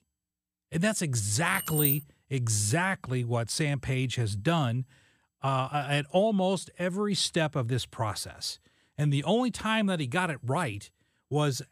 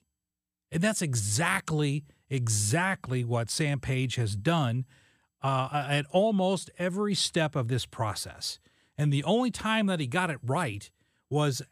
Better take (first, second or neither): second